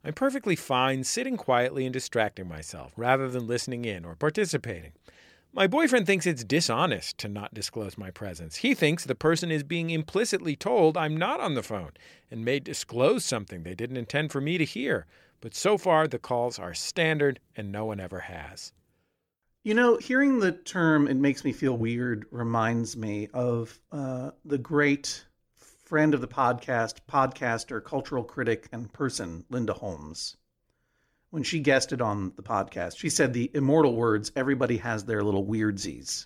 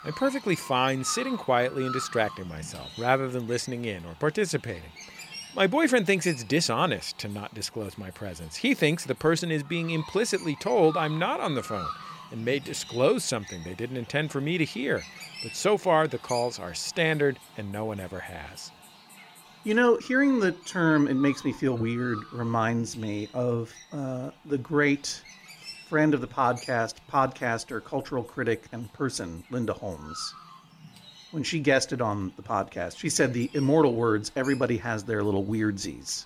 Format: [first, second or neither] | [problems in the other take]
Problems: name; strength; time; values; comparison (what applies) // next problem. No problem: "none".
first | animal sounds; noticeable; throughout; 15 dB below the speech